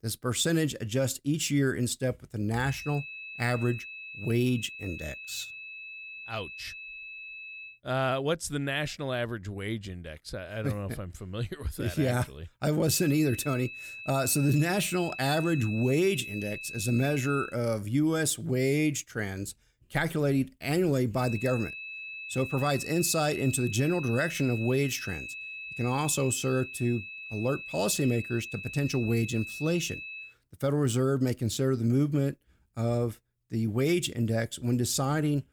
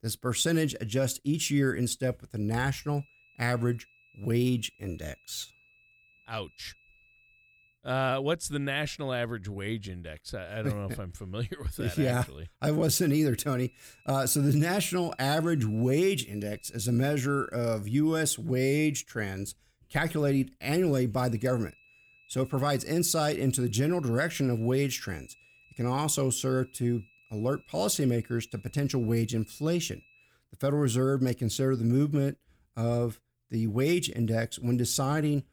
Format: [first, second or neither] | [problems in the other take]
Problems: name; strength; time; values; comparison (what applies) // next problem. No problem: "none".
second | high-pitched whine; loud; from 2.5 to 7.5 s, from 13 to 17 s and from 21 to 30 s; 2.5 kHz, 10 dB below the speech; faint in the second